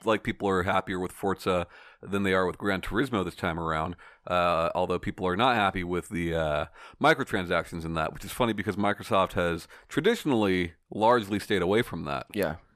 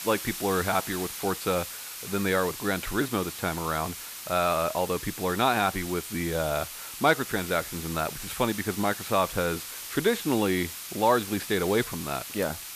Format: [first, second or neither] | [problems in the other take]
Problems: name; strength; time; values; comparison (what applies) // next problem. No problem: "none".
first | hiss; loud; throughout; 8 dB below the speech